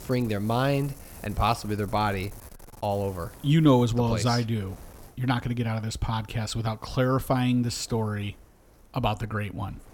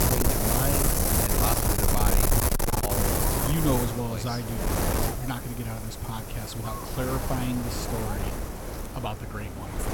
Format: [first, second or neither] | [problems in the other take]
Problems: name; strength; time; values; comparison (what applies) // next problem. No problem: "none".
first | wind noise on the microphone; heavy; 4 dB above the speech; occasional gusts in the first